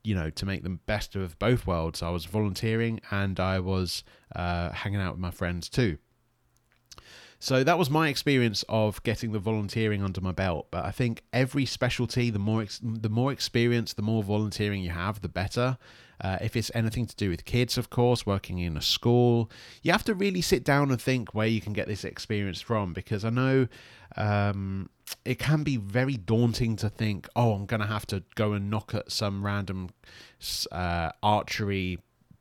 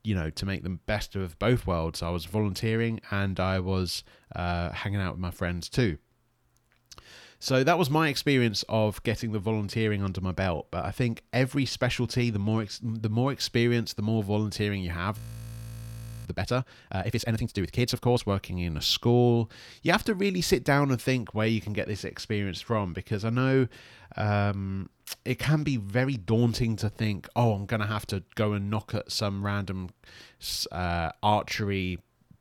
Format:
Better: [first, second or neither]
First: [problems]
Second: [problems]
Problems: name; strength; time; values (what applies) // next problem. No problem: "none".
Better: first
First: none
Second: audio freezing; at 15 s for 1 s